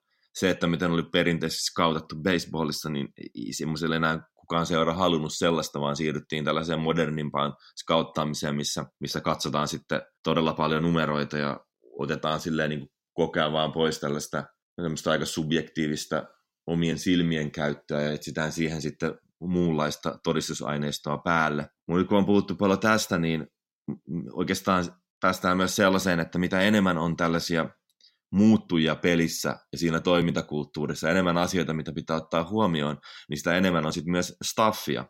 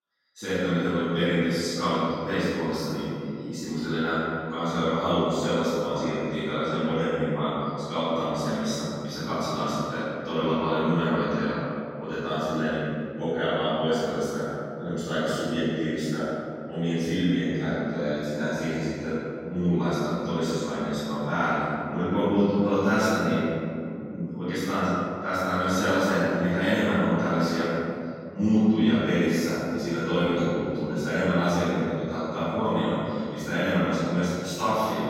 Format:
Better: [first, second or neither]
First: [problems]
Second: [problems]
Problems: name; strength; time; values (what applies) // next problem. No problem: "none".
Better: first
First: none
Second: room echo; strong; dies away in 2.3 s // off-mic speech; far